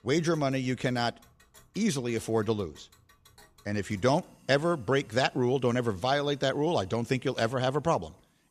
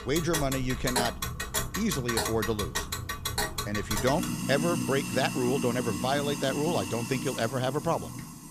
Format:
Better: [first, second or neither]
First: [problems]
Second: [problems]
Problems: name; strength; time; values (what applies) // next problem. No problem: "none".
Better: first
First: household noises; faint; throughout; 30 dB below the speech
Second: household noises; loud; throughout; 3 dB below the speech